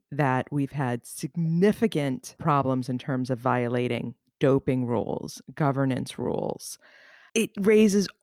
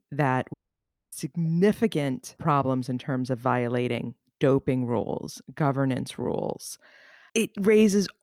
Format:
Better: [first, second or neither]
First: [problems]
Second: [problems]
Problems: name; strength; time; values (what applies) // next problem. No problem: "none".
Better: first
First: none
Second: audio cutting out; at 0.5 s for 0.5 s